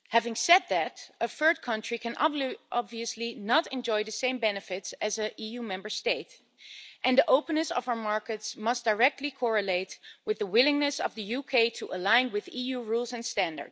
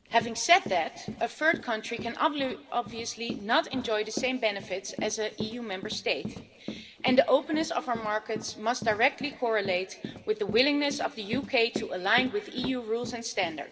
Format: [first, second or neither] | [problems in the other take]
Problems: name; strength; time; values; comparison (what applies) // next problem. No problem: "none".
first | background sound (Run); 12 dB below the speech // room echo; dies away in 1.8 s